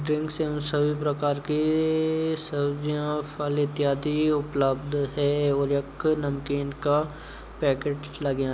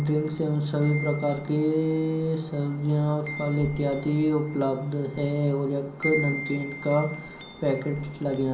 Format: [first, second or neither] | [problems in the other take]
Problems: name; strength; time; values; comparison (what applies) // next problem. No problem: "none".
first | background sound (Wind chime); 14 dB below the speech // room echo; dies away in 0.6 s